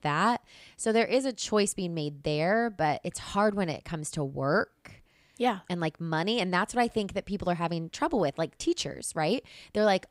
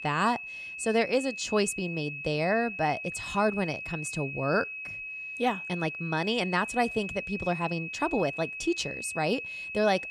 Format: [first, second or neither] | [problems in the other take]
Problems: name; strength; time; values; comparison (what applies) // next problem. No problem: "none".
first | high-pitched whine; loud; throughout; 2.5 kHz, 6 dB below the speech